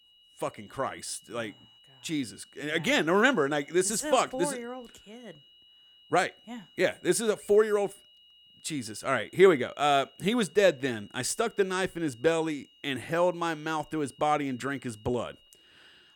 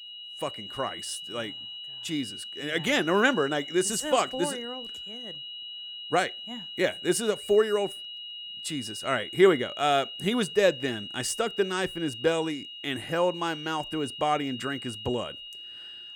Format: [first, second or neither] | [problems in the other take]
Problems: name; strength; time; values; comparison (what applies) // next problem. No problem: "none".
first | high-pitched whine; loud; throughout; 3 kHz, 10 dB below the speech; faint in the first